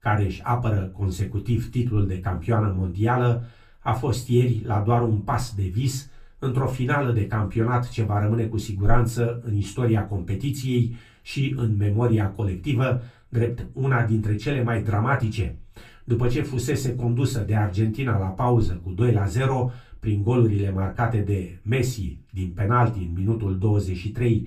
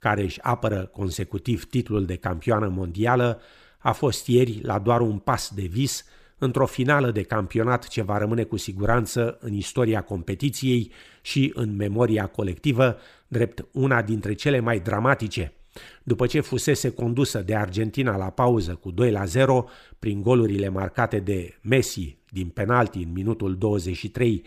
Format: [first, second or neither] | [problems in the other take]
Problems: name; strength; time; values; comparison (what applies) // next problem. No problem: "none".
second | off-mic speech; far // room echo; very slight; dies away in 0.2 s